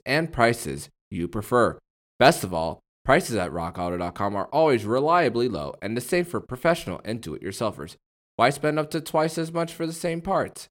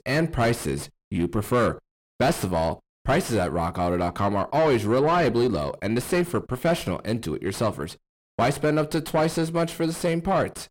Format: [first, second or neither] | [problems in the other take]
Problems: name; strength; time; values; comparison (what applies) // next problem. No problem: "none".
first | distortion; heavy; 5 dB below the speech